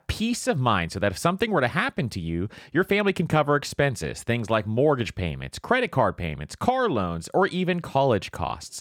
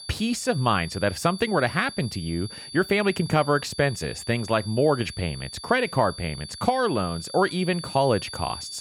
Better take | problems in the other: first | high-pitched whine; noticeable; throughout; 4.5 kHz, 15 dB below the speech

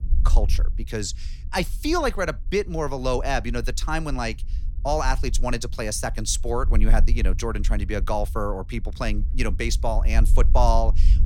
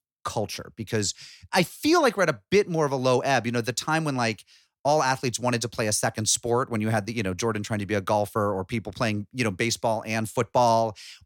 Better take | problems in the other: second | low rumble; faint; throughout; 20 dB below the speech

